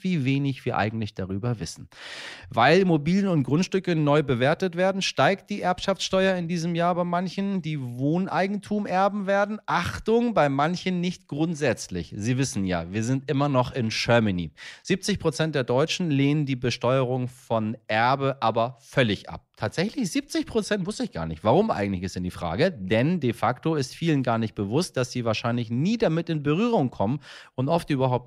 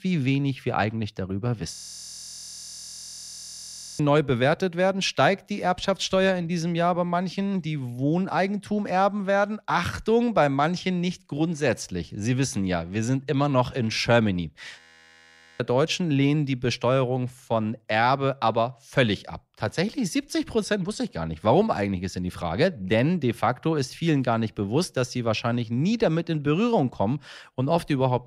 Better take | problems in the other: first | audio freezing; at 1.5 s for 2.5 s and at 15 s for 1 s

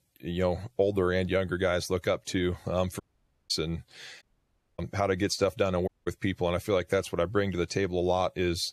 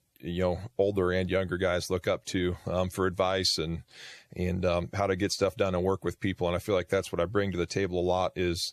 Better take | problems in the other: second | audio cutting out; at 3 s for 0.5 s, at 4 s for 0.5 s and at 6 s

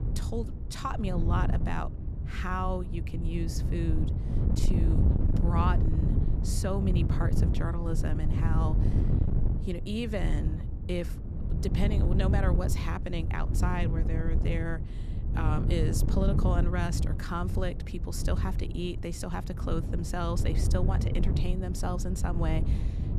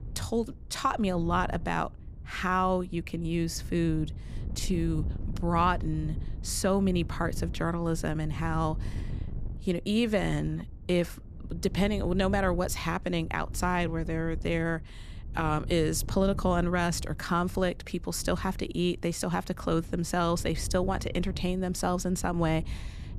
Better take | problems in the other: second | wind noise on the microphone; heavy; 5 dB below the speech; occasional gusts in the second

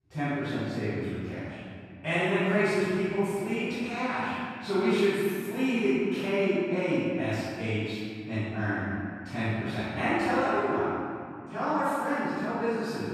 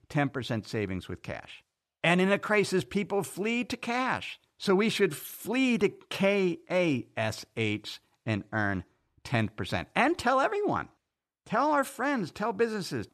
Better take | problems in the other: second | room echo; strong; dies away in 2.2 s // off-mic speech; far

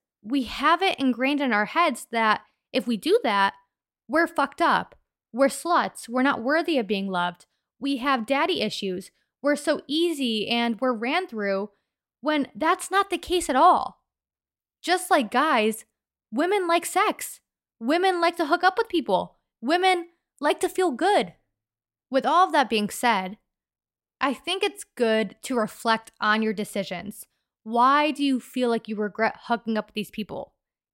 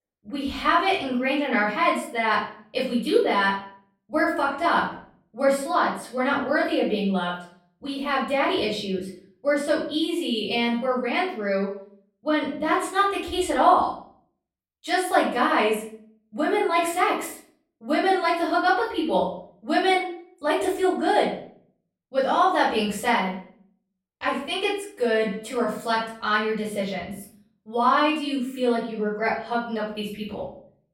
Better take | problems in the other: first | off-mic speech; far // room echo; noticeable; dies away in 0.5 s

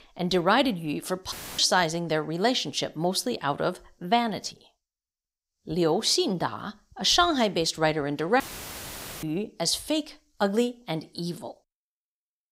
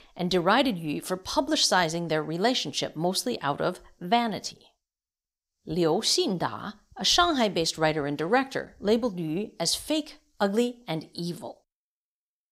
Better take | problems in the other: second | audio cutting out; filled with static; at 1.5 s and at 8.5 s for 1 s

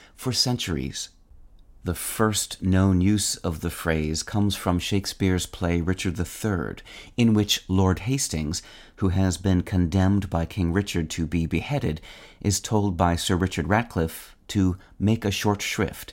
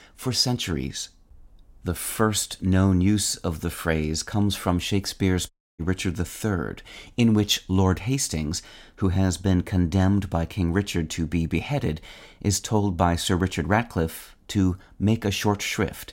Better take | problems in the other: first | audio cutting out; at 5.5 s

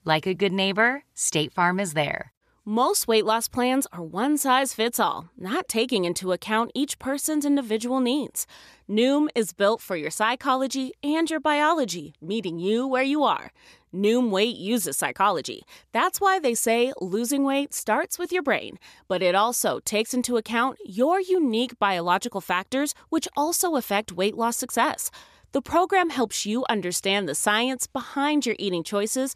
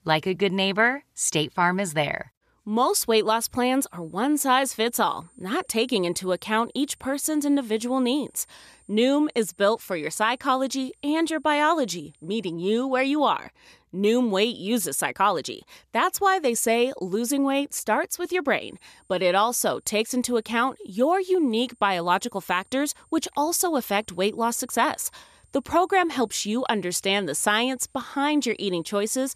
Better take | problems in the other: first | high-pitched whine; faint; from 3 to 13 s and from 19 s on; 8.5 kHz, 35 dB below the speech

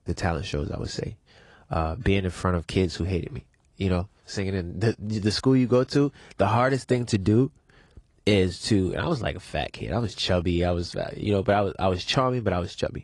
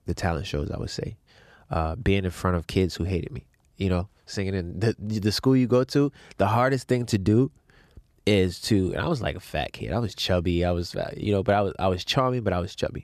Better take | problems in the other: second | garbled, watery; slightly

